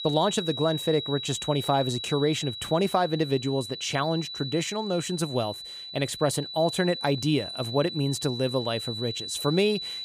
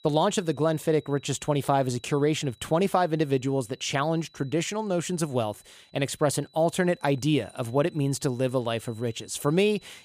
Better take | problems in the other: second | high-pitched whine; loud; throughout; 4 kHz, 7 dB below the speech; faint in the second

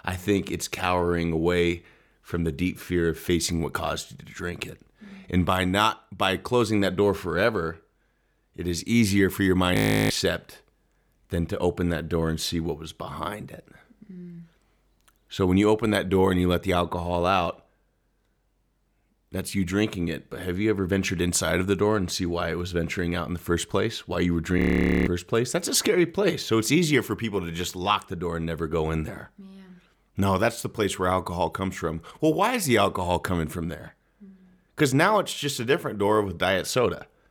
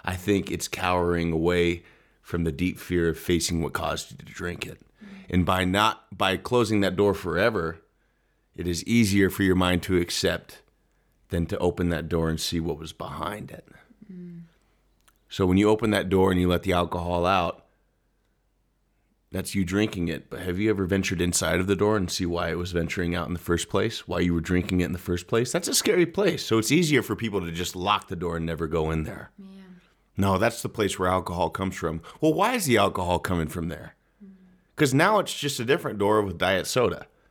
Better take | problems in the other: second | audio freezing; at 10 s and at 25 s

